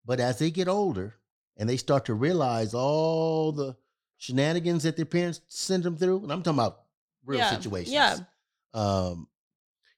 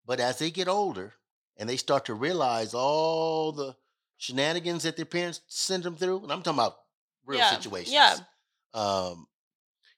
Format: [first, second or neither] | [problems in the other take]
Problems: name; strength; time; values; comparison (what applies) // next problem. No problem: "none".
first | thin; somewhat; fading below 1 kHz